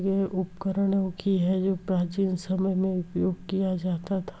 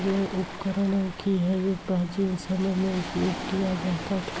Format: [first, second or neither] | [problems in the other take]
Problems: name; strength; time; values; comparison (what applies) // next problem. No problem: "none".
first | background sound (Waves, surf); 10 dB below the speech